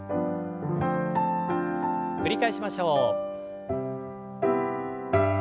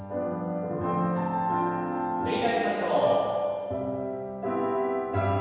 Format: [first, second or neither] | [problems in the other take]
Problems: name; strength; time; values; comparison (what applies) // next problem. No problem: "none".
first | room echo; dies away in 1.9 s